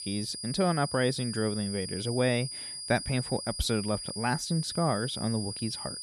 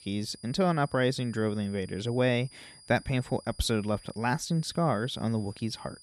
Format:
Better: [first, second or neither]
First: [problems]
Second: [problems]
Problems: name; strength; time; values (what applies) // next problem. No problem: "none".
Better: second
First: high-pitched whine; loud; throughout; 5 kHz, 6 dB below the speech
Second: high-pitched whine; faint; throughout; 5 kHz, 20 dB below the speech